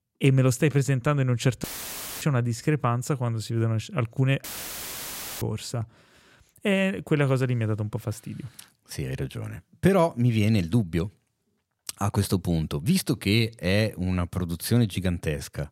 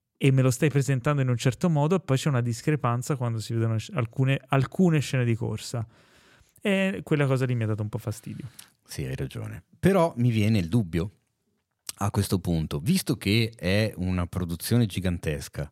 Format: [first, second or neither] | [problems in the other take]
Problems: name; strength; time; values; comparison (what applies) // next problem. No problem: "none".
second | audio cutting out; filled with static; at 1.5 s for 0.5 s and at 4.5 s for 1 s